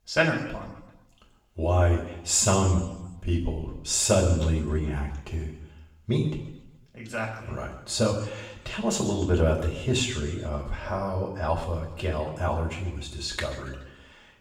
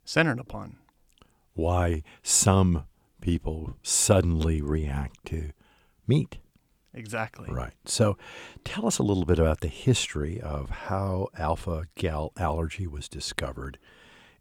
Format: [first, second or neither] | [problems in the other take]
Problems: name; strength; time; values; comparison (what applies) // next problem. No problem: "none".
second | room echo; noticeable; dies away in 1 s // off-mic speech; far